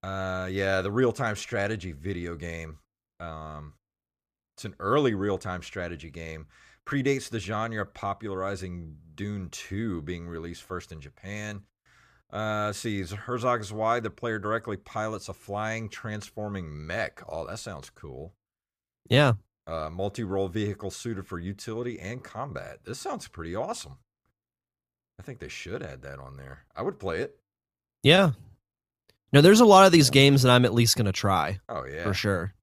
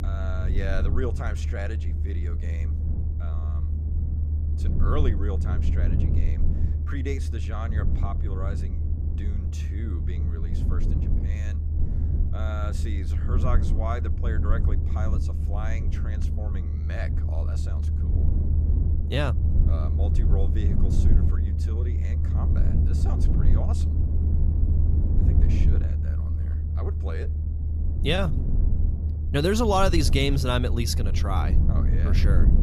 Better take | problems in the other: first | low rumble; loud; throughout; 8 dB below the speech

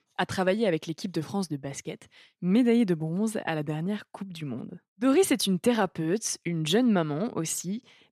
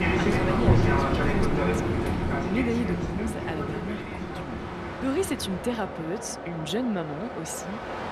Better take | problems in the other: first | train or aircraft noise; very loud; throughout; 4 dB above the speech

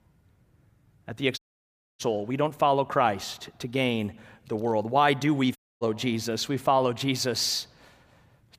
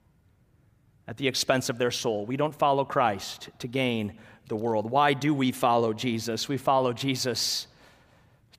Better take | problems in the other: second | audio cutting out; at 1.5 s for 0.5 s and at 5.5 s

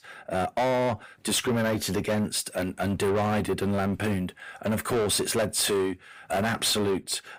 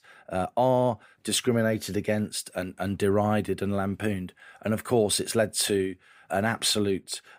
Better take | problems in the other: second | distortion; heavy; 7 dB below the speech

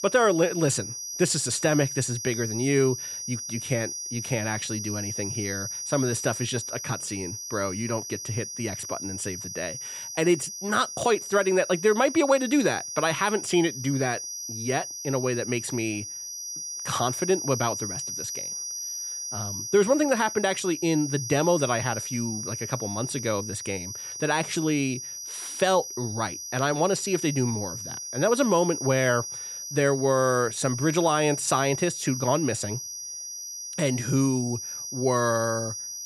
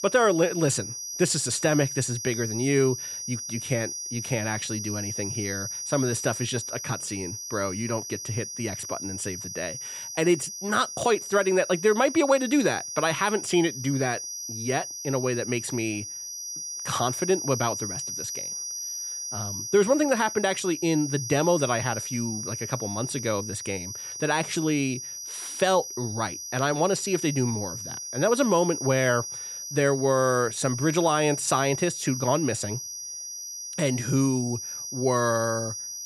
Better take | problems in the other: neither | high-pitched whine; loud; throughout; 6 kHz, 6 dB below the speech; the same in both

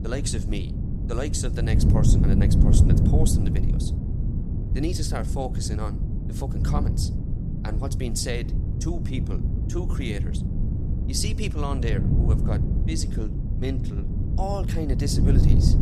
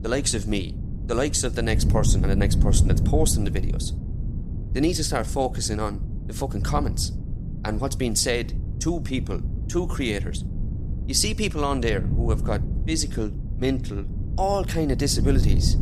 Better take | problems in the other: second | wind noise on the microphone; heavy; 3 dB below the speech; occasional gusts in the second

